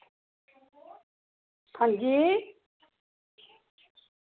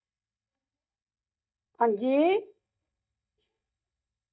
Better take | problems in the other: first | noise reduction (neural mask model DeepFilterNet 3)

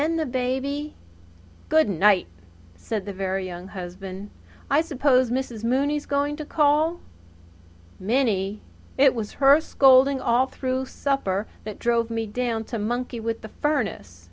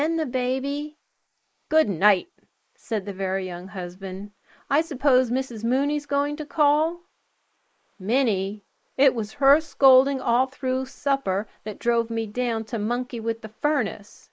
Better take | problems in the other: first | noise reduction (neural mask model Resemble Enhance denoiser)

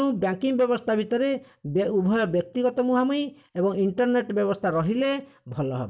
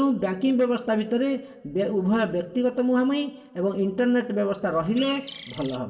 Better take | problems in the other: first | background sound (Bird); 13 dB below the speech // room echo; dies away in 2.6 s

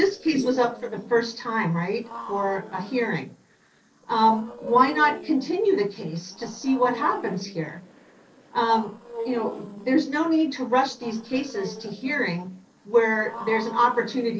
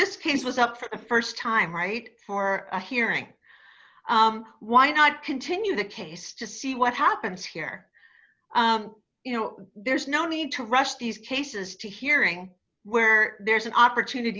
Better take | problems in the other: second | noise reduction (neural separator model SepFormer DNS4)

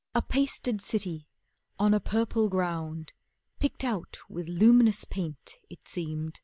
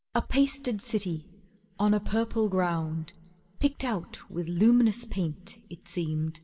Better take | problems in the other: first | room echo; dies away in 0.3 s

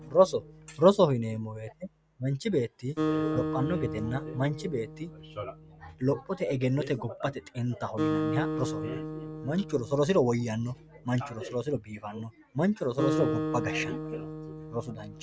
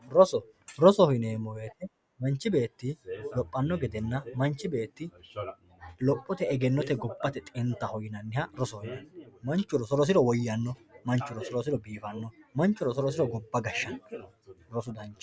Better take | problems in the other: second | background sound (Acoustic guitar); 6 dB below the speech

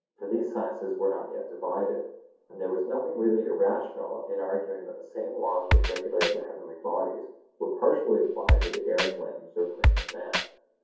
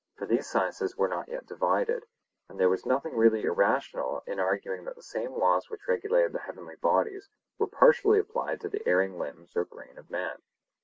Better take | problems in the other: second | background sound (Drum kit); 4 dB above the speech // room echo; dies away in 0.7 s

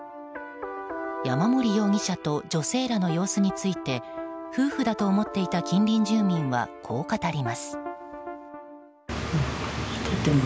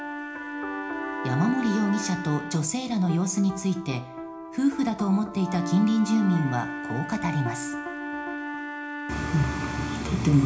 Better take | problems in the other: first | background sound (Wind instrument, woodwind instrument); 10 dB below the speech // room echo; dies away in 0.4 s

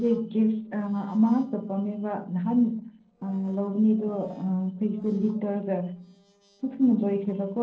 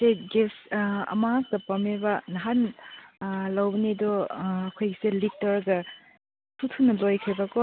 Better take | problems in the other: second | noise reduction (neural separator model SepFormer DNS4)

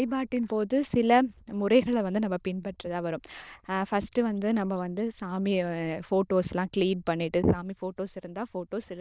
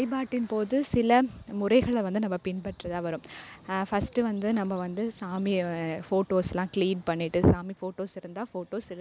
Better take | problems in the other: second | noise reduction (neural diffusion model UNIVERSE++)

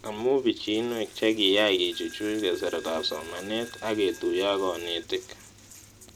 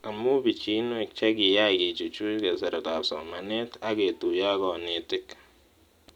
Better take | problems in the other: second | background sound (Coin (dropping)); 19 dB below the speech

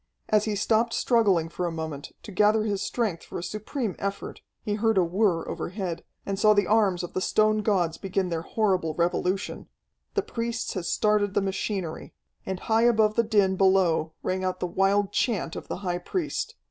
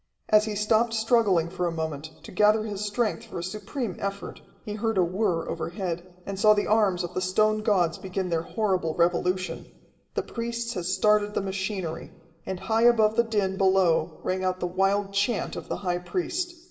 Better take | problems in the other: first | room echo; dies away in 1 s

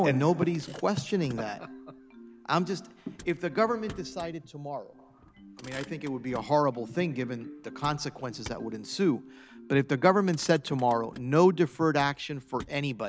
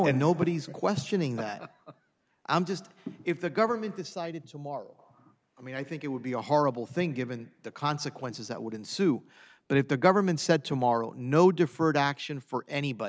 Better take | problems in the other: second | background sound (Marimba, xylophone + Motor vehicle (road)); 19 dB below the speech

